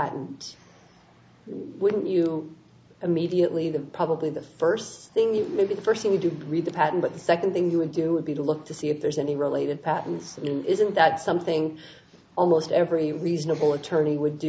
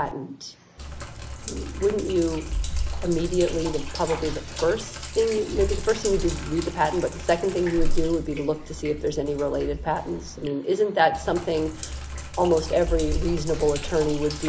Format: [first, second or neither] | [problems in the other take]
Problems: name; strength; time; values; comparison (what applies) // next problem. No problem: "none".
first | background sound (Sink (filling or washing)); 4 dB below the speech